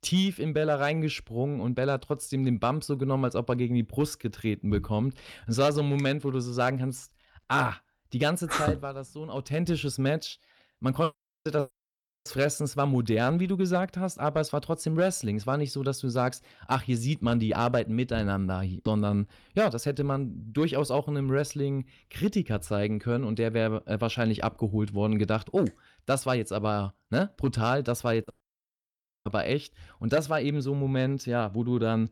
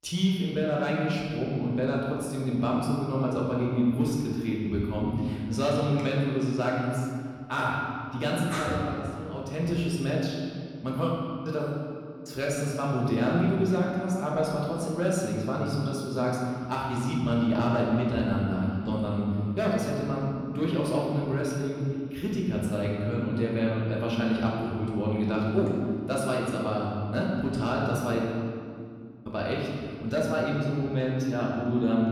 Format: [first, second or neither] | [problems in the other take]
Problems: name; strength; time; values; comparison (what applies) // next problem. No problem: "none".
first | room echo; noticeable; dies away in 2.2 s // off-mic speech; far